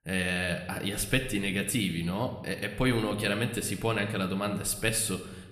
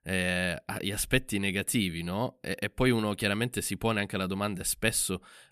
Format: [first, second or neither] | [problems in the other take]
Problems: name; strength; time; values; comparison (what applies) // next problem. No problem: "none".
second | room echo; slight; dies away in 0.9 s